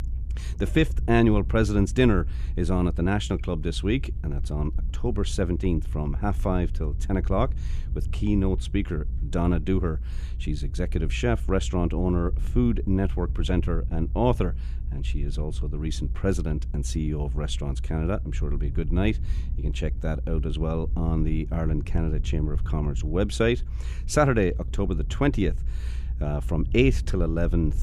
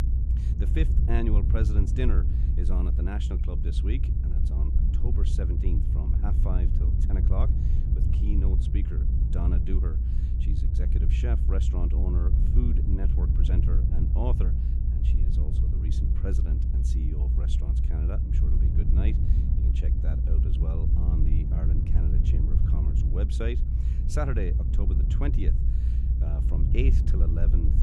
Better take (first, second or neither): first